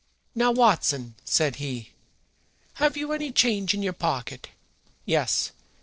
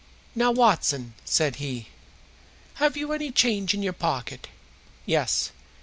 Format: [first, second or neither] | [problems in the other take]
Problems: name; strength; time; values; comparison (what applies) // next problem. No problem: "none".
second | noise reduction (neural separator model SepFormer DNS4)